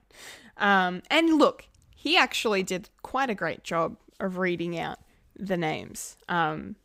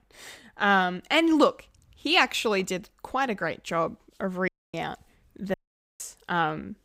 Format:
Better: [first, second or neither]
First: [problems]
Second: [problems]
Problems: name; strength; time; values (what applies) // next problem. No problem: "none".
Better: first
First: none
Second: audio cutting out; at 4.5 s and at 5.5 s